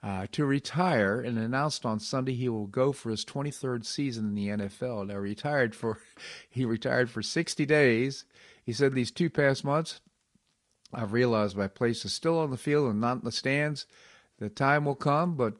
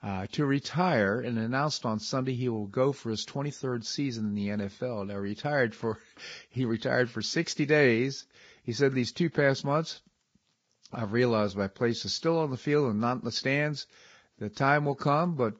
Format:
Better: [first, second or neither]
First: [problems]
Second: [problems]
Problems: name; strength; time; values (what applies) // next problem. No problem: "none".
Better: first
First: garbled, watery; slightly; nothing above 10.5 kHz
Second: garbled, watery; badly